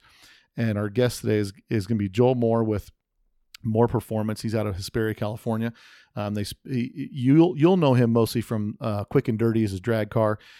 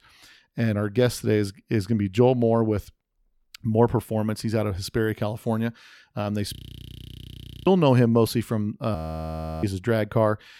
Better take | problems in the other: first | audio freezing; at 6.5 s for 1 s and at 9 s for 0.5 s

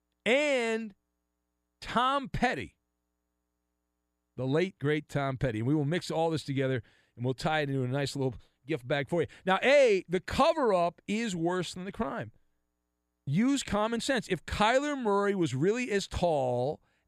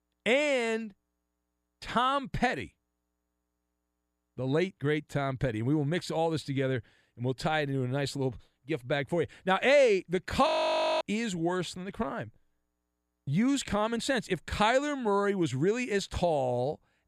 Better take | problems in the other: first | audio freezing; at 10 s for 0.5 s

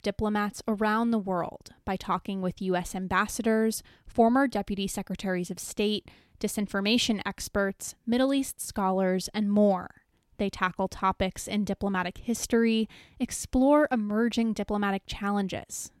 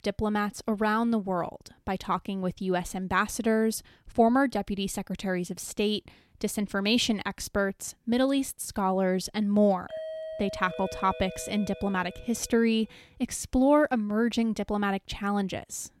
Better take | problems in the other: first | doorbell; noticeable; from 10 to 13 s; peak 8 dB below the speech

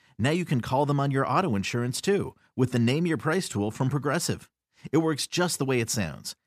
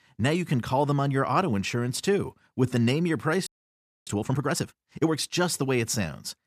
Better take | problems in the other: first | audio freezing; at 3.5 s for 0.5 s

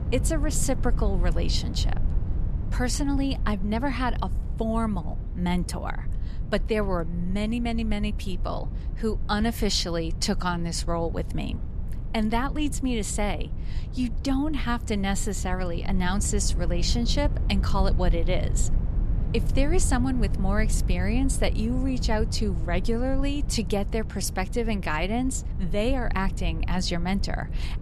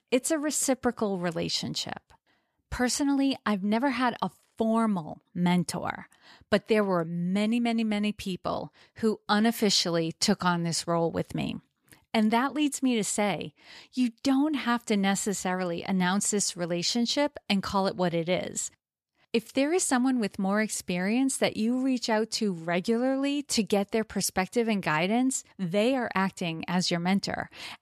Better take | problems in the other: second | low rumble; noticeable; throughout; 15 dB below the speech

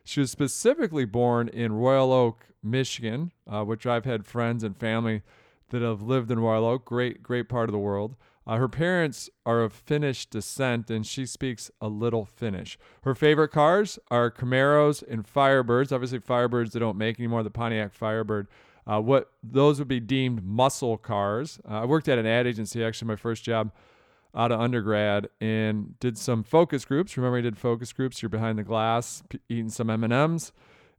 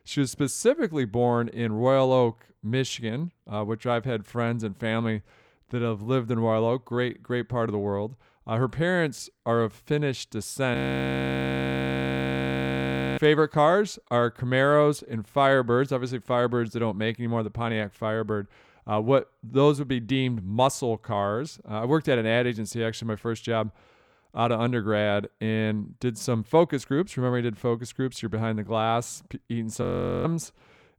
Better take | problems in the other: first | audio freezing; at 11 s for 2.5 s and at 30 s

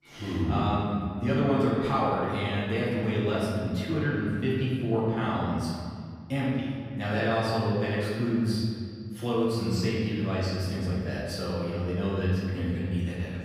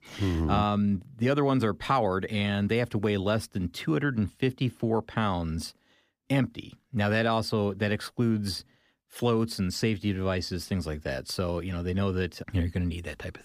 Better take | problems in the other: second | room echo; strong; dies away in 1.9 s // off-mic speech; far

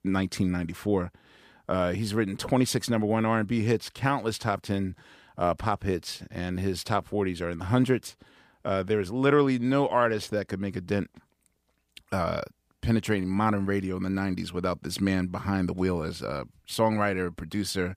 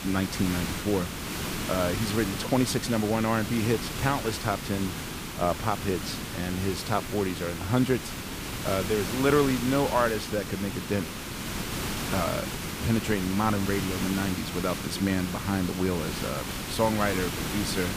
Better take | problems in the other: first | hiss; loud; throughout; 5 dB below the speech

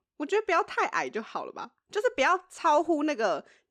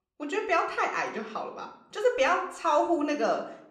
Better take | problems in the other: first | room echo; slight; dies away in 0.5 s // off-mic speech; somewhat distant

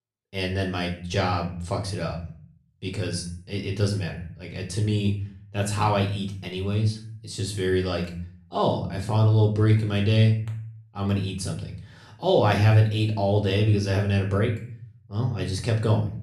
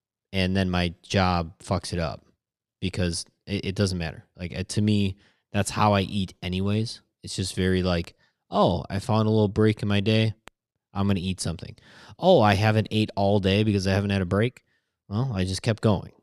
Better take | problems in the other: second | room echo; slight; dies away in 0.5 s // off-mic speech; somewhat distant

